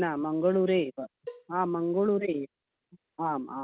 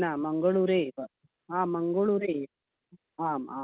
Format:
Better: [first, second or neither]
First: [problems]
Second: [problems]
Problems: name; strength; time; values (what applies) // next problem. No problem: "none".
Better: second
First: background sound (Cowbell); 20 dB below the speech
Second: none